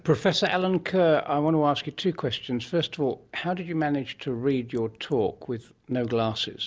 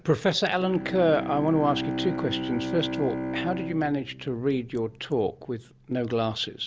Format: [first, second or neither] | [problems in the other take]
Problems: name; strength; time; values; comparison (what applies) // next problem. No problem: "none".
first | background sound (Bowed string instrument); 7 dB below the speech